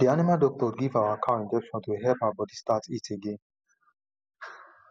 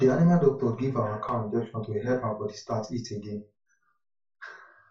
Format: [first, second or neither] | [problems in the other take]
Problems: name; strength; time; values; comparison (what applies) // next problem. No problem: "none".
first | room echo; dies away in 0.2 s